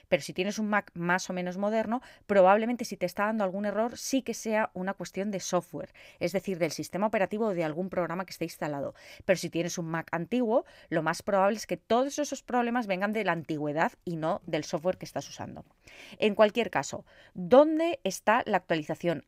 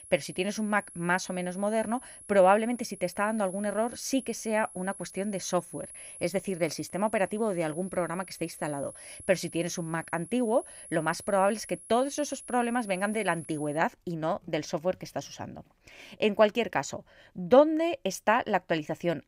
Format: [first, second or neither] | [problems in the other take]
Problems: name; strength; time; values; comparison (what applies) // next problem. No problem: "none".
first | high-pitched whine; noticeable; until 14 s; 11 kHz, 15 dB below the speech